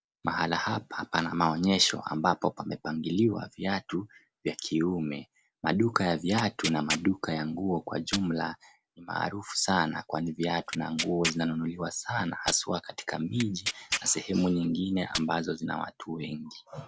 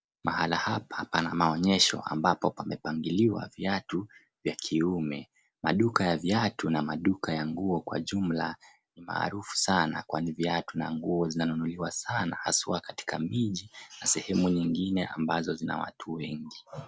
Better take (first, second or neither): second